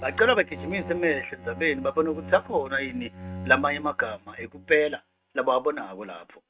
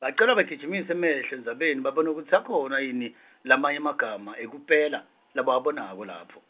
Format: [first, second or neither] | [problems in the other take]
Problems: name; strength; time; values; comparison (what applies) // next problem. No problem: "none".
second | noise reduction (neural mask model RNNoise)